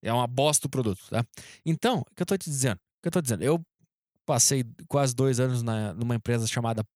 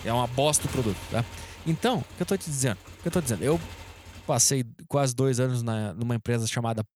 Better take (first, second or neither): first